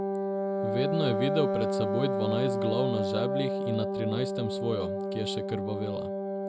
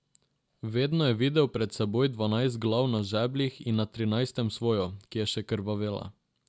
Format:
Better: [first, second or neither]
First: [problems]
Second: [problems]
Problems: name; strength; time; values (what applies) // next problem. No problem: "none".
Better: second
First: background sound (Wind instrument, woodwind instrument); 2 dB above the speech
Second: none